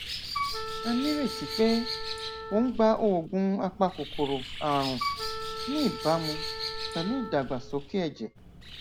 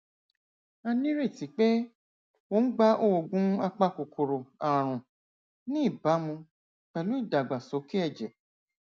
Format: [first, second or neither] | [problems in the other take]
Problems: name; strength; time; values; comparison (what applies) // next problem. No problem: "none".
second | background sound (Bird + Wind instrument, woodwind instrument); 6 dB below the speech